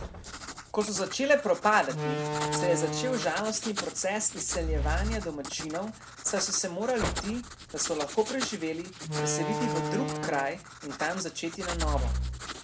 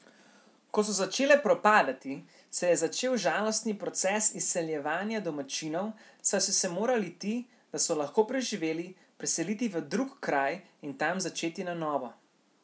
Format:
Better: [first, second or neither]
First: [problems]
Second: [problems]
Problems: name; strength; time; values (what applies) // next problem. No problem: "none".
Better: second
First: background sound (Slam + Writing); 3 dB below the speech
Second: none